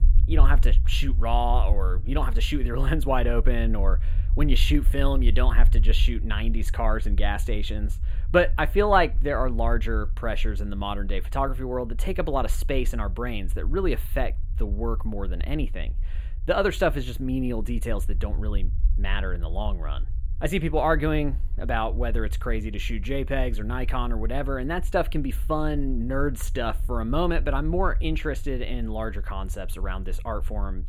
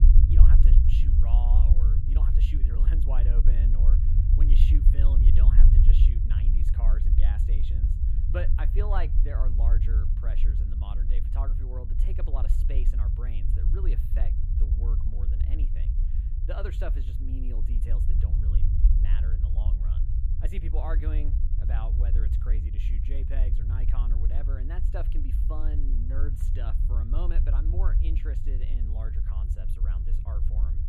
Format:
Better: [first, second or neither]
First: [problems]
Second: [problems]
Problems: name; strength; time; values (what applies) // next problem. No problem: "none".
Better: first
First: low rumble; faint; throughout; 20 dB below the speech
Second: low rumble; loud; throughout; 1 dB below the speech